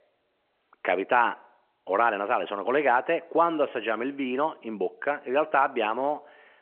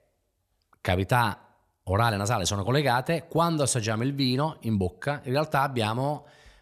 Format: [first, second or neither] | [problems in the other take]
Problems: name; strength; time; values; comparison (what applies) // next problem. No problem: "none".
second | phone-call audio